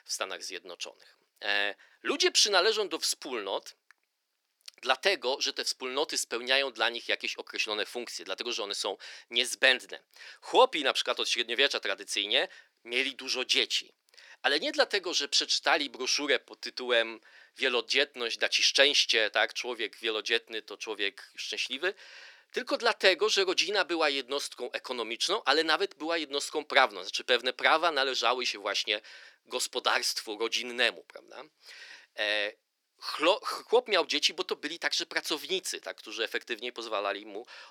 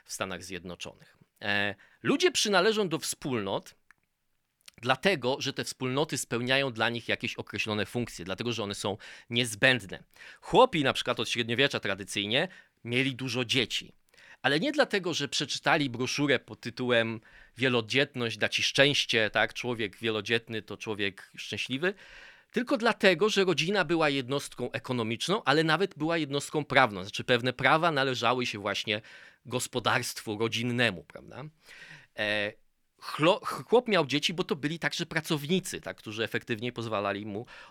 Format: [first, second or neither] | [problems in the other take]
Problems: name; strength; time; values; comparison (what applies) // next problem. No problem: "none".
second | thin; somewhat; fading below 350 Hz